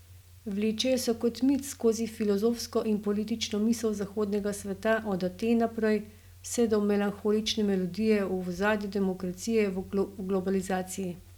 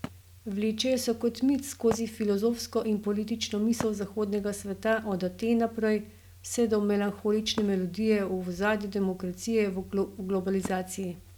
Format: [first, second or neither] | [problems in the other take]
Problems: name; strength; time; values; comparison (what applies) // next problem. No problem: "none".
first | background sound (Wood); 19 dB below the speech